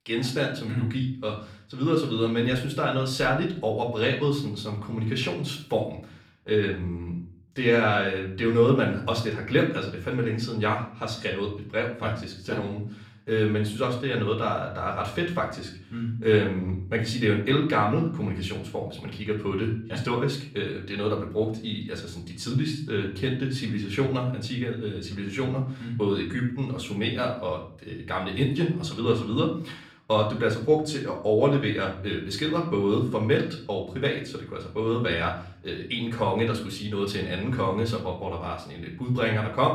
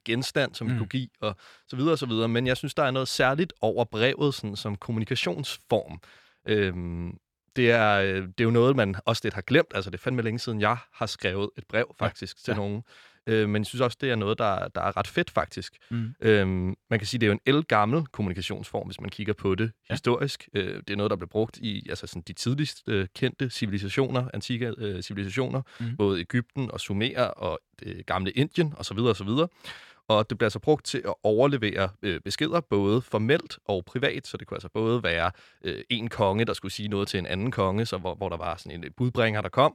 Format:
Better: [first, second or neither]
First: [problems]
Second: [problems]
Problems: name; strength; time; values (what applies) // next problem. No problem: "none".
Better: second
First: off-mic speech; far // room echo; slight; dies away in 0.5 s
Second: none